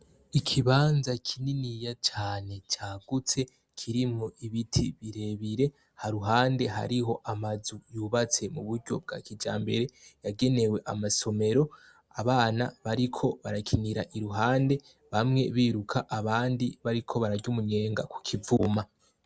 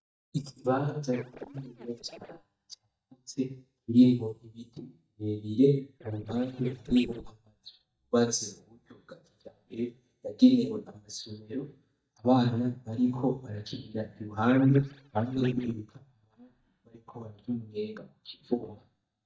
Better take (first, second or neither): first